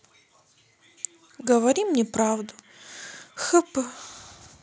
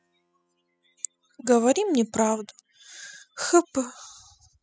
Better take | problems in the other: first | noise reduction (classical method spectral subtraction)

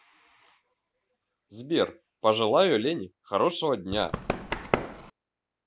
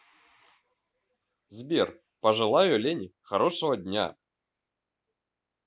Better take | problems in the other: second | background sound (Run); 3 dB below the speech

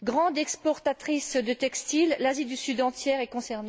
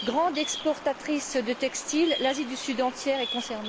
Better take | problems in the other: first | background sound (Bird vocalization, bird call, bird song); 10 dB below the speech

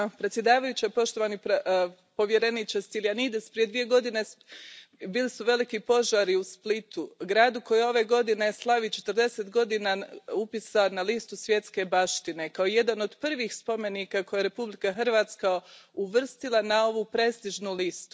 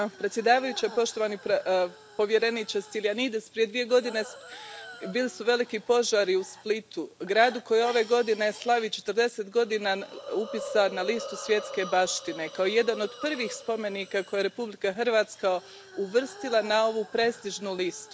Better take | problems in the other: first | background sound (Hiss); 17 dB below the speech

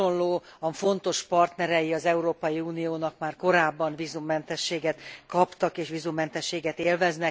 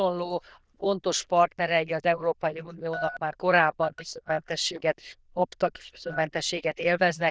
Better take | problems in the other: first | noise reduction (neural diffusion model UNIVERSE++)

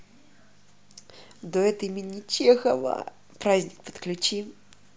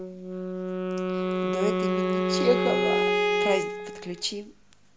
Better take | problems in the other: first | background sound (Bowed string instrument + Wind instrument, woodwind instrument); 5 dB above the speech

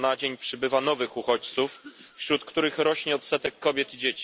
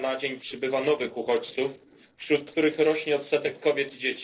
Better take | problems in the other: first | noise reduction (neural separator model SepFormer DNS4)

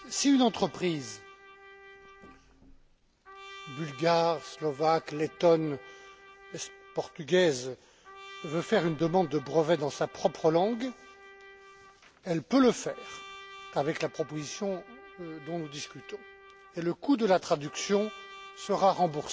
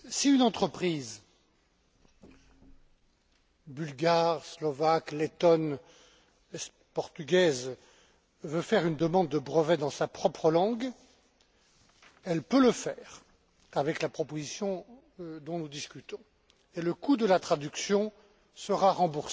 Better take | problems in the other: second | background sound (Trumpet); 20 dB below the speech

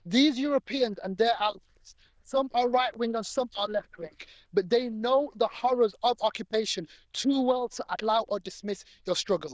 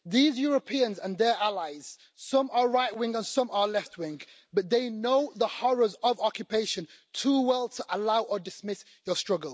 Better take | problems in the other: second | noise reduction (neural diffusion model UNIVERSE++)

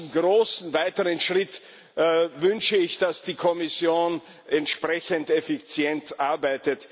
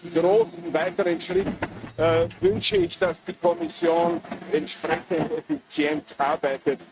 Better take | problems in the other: first | noise reduction (neural mask model RNNoise)

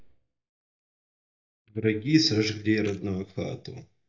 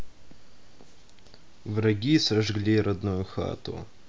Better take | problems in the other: second | noise reduction (neural mask model DeepFilterNet 3)

